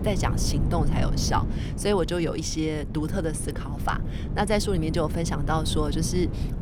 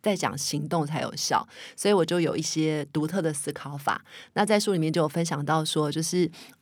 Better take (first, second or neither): second